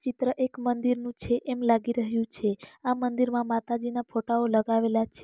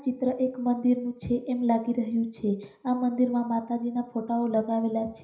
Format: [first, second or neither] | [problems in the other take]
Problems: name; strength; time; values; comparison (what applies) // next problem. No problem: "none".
first | room echo; dies away in 0.5 s